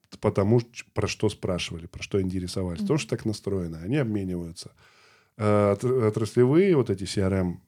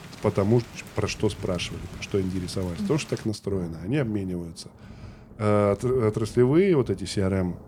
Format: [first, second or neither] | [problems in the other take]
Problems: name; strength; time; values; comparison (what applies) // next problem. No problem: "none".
first | rain or running water; noticeable; throughout; 15 dB below the speech